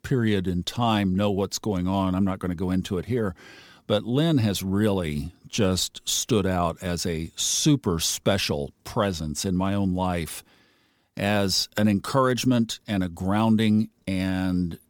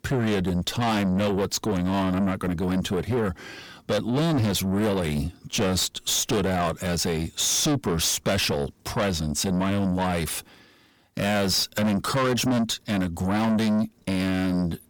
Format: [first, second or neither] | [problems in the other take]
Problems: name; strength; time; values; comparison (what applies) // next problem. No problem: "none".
first | distortion; heavy; 6 dB below the speech